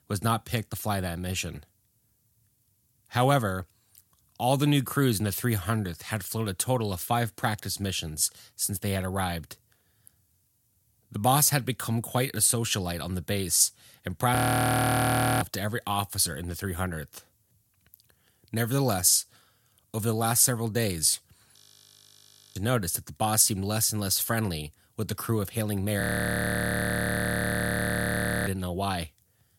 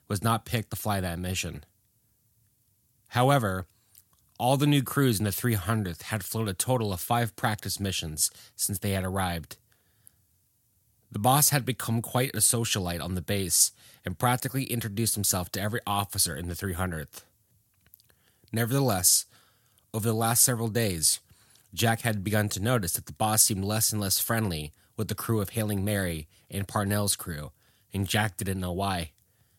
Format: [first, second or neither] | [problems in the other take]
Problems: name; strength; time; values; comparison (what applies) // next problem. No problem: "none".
second | audio freezing; at 14 s for 1 s, at 22 s for 1 s and at 26 s for 2.5 s